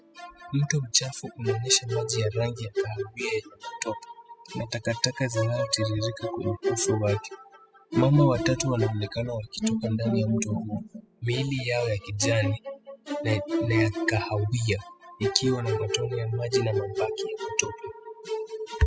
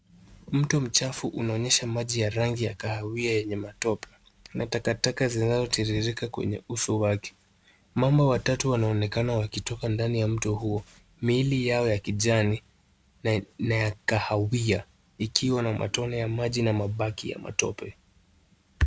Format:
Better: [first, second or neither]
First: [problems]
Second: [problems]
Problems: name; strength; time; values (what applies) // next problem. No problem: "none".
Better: second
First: noise reduction (classical method spectral subtraction)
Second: none